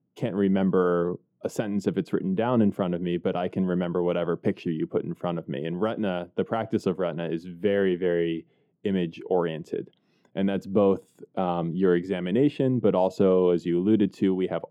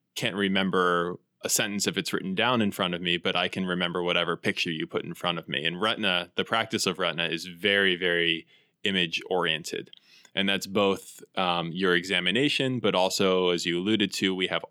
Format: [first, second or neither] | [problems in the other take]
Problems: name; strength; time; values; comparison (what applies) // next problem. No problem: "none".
second | muffled; very; fading above 1.5 kHz